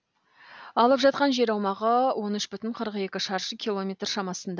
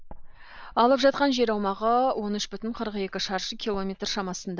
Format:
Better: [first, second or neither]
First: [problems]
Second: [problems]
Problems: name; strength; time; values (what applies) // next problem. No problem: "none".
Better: first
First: none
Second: noise reduction (neural mask model Resemble Enhance denoiser)